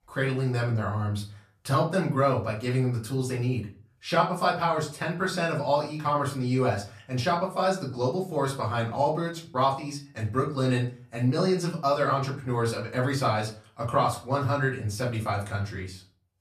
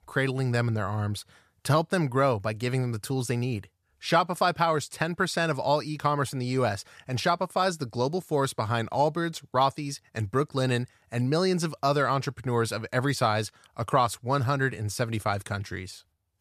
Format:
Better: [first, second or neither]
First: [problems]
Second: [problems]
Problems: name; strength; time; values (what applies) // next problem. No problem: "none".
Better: second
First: room echo; slight; dies away in 0.3 s // off-mic speech; far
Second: none